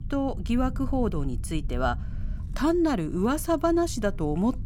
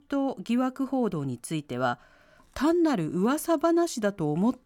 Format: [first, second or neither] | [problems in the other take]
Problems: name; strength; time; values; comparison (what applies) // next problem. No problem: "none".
second | low rumble; faint; throughout; 25 dB below the speech